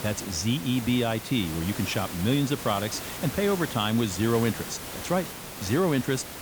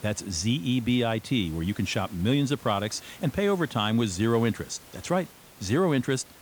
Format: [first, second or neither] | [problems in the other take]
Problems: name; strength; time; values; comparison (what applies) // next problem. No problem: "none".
second | hiss; loud; throughout; 9 dB below the speech; faint in the second